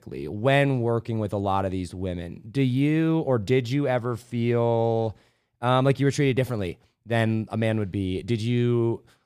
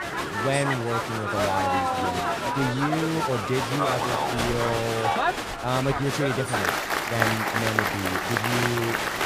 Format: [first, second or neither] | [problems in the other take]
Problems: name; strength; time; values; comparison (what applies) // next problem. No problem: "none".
first | crowd noise; very loud; throughout; 3 dB above the speech